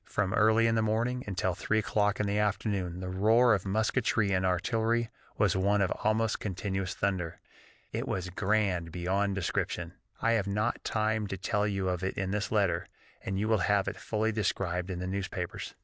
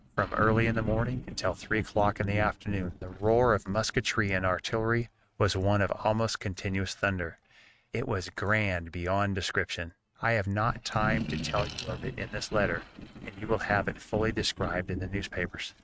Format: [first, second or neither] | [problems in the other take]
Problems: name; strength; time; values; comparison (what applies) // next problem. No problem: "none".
first | noise reduction (neural mask model RNNoise)